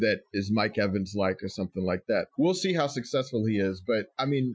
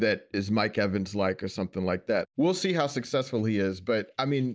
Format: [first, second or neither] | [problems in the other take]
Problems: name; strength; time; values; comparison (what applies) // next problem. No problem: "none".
second | noise reduction (classical method Wiener filter)